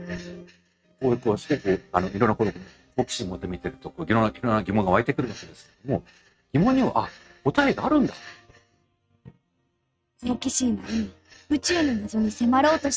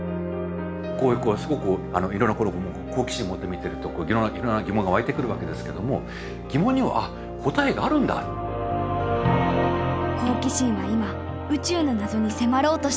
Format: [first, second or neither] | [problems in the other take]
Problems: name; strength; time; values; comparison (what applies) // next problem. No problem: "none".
second | noise reduction (neural mask model RNNoise)